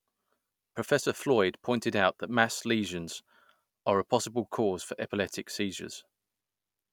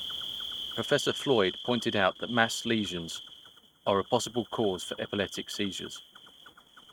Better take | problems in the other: first | noise reduction (neural mask model RNNoise)

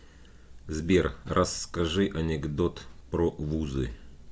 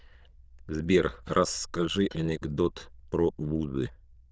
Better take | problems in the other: first | noise reduction (neural diffusion model UNIVERSE++)

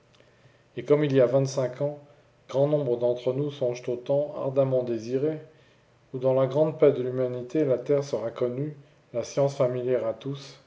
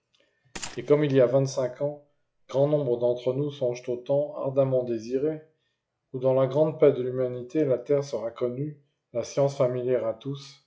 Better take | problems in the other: first | noise reduction (classical method log-MMSE)

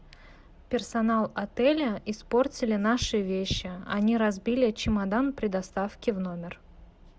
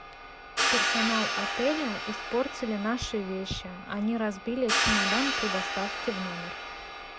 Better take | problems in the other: first | background sound (Hi-hat); as loud as the speech

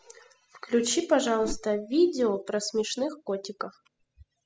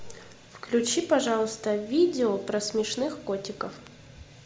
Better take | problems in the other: second | noise reduction (classical method spectral subtraction)

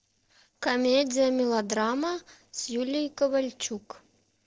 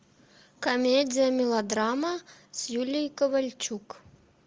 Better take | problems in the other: second | noise reduction (neural separator model SepFormer DNS4)

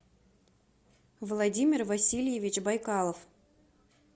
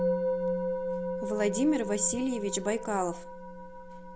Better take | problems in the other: first | background sound (Musical instrument); 1 dB below the speech

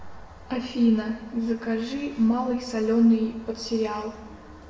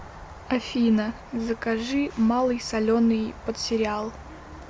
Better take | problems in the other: second | room echo; dies away in 1.1 s

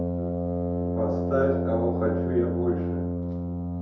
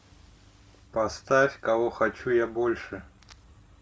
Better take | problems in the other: second | background sound (Brass instrument); 3 dB above the speech // room echo; dies away in 0.8 s

